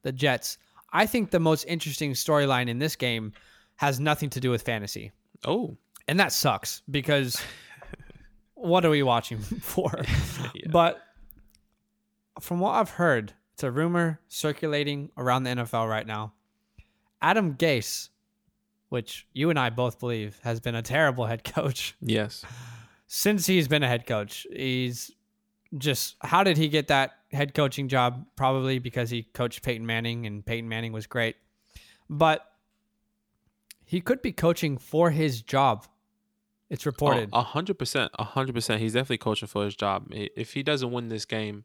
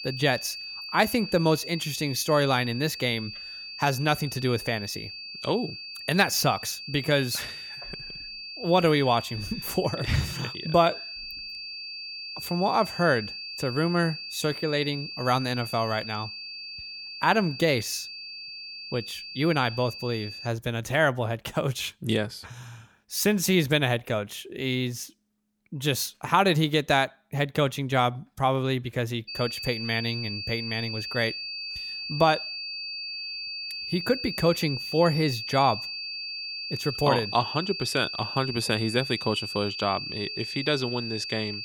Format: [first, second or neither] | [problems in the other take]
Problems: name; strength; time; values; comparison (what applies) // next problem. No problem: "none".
first | high-pitched whine; loud; until 20 s and from 29 s on; 4.5 kHz, 8 dB below the speech